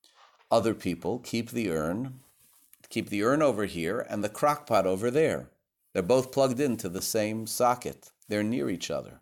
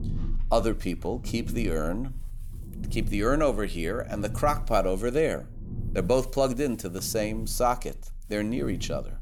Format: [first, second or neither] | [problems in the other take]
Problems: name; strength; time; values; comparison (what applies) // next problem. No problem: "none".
first | low rumble; faint; throughout; 20 dB below the speech